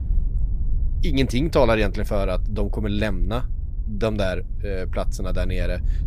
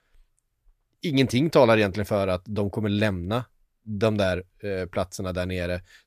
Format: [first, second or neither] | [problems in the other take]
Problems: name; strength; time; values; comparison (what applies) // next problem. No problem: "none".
second | wind noise on the microphone; occasional gusts; 25 dB below the speech